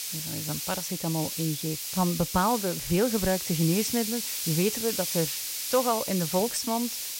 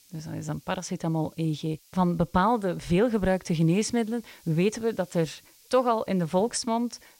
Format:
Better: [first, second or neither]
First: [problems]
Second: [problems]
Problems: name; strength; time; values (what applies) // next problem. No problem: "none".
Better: second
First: hiss; loud; throughout; 2 dB below the speech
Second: hiss; faint; throughout; 30 dB below the speech